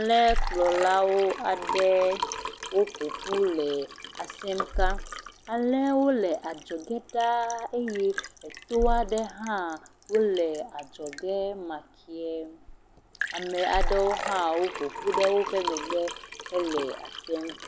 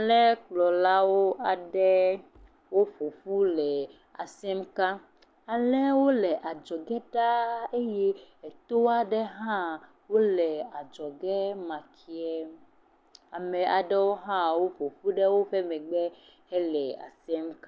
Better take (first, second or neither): second